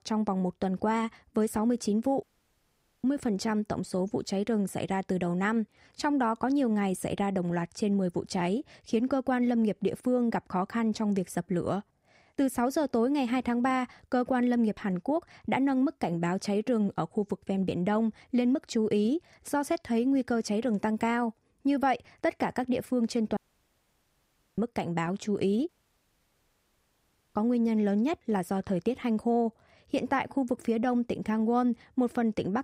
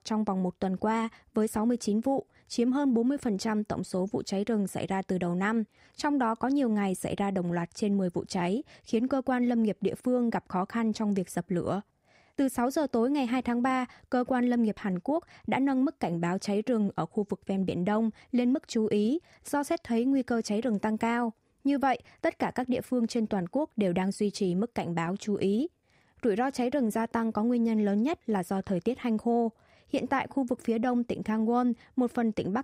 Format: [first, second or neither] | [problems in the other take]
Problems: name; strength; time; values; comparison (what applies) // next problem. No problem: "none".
second | audio cutting out; at 2 s for 1 s, at 23 s for 1 s and at 26 s for 1.5 s